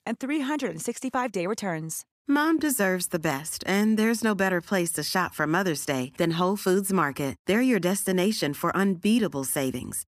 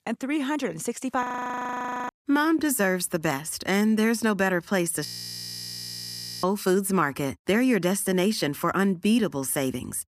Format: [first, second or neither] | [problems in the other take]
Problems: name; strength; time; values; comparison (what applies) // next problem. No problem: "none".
first | audio freezing; at 1 s for 1 s and at 5 s for 1.5 s